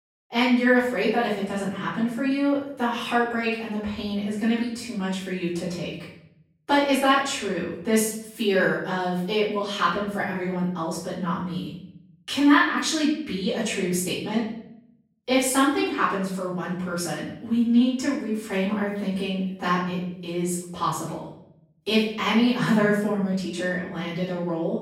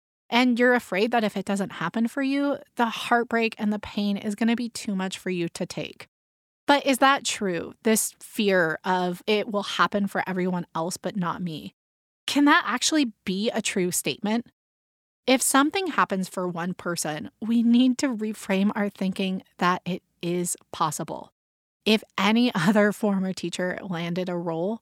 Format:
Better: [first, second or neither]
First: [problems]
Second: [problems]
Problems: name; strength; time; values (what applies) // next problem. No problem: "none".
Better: second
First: off-mic speech; far // room echo; noticeable; dies away in 0.7 s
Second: none